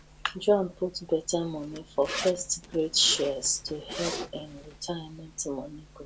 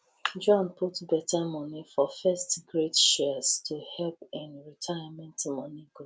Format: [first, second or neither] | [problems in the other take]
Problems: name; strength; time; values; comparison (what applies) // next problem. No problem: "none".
second | background sound (Zipper (clothing)); 12 dB below the speech